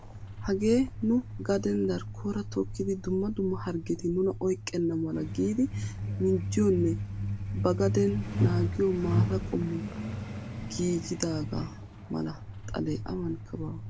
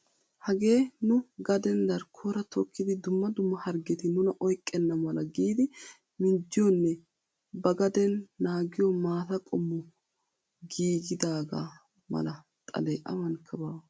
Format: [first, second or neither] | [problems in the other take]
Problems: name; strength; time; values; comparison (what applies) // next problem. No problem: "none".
second | background sound (Truck); 4 dB below the speech